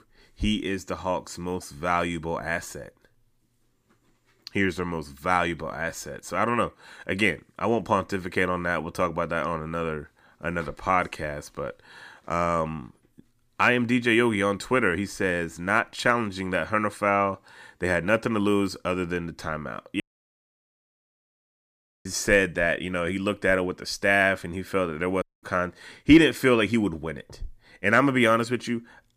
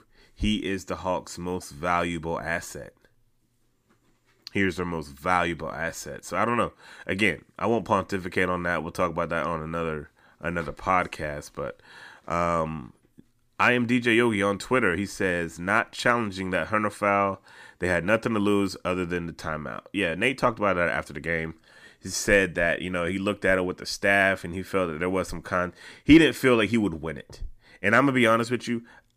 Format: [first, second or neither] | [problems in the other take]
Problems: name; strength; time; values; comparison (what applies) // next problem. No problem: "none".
second | audio cutting out; at 20 s for 2 s and at 25 s